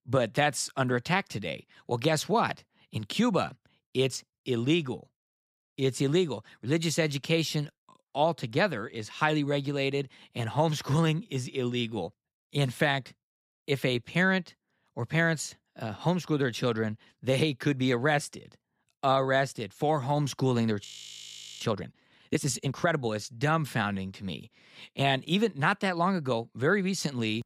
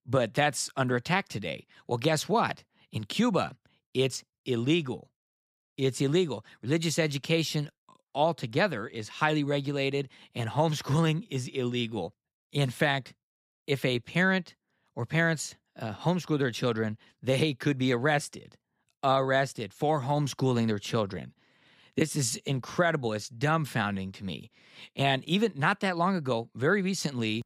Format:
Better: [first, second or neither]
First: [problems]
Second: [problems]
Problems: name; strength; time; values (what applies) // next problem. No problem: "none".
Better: second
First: audio freezing; at 21 s for 1 s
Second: none